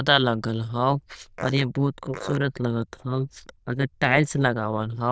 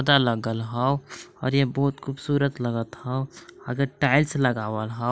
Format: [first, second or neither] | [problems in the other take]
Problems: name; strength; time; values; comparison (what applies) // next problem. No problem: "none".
second | noise reduction (neural diffusion model UNIVERSE++)